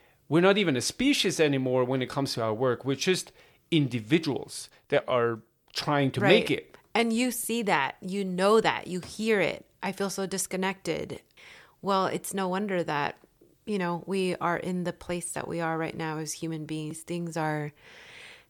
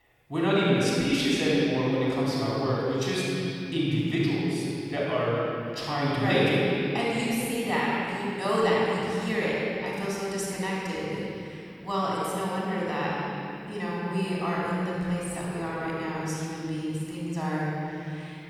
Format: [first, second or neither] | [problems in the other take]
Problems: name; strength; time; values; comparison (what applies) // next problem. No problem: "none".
first | off-mic speech; far // room echo; strong; dies away in 3 s